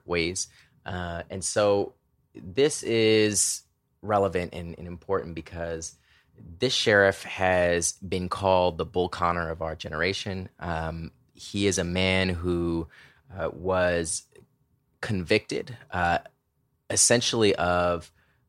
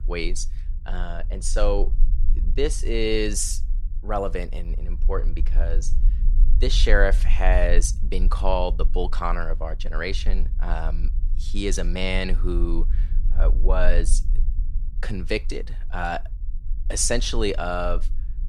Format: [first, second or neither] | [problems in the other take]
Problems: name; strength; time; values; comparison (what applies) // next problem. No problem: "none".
first | low rumble; faint; throughout; 25 dB below the speech